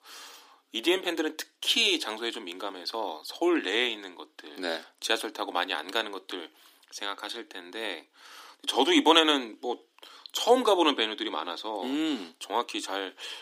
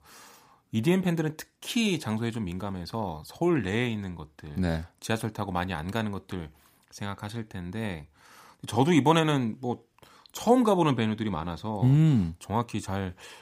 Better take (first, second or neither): second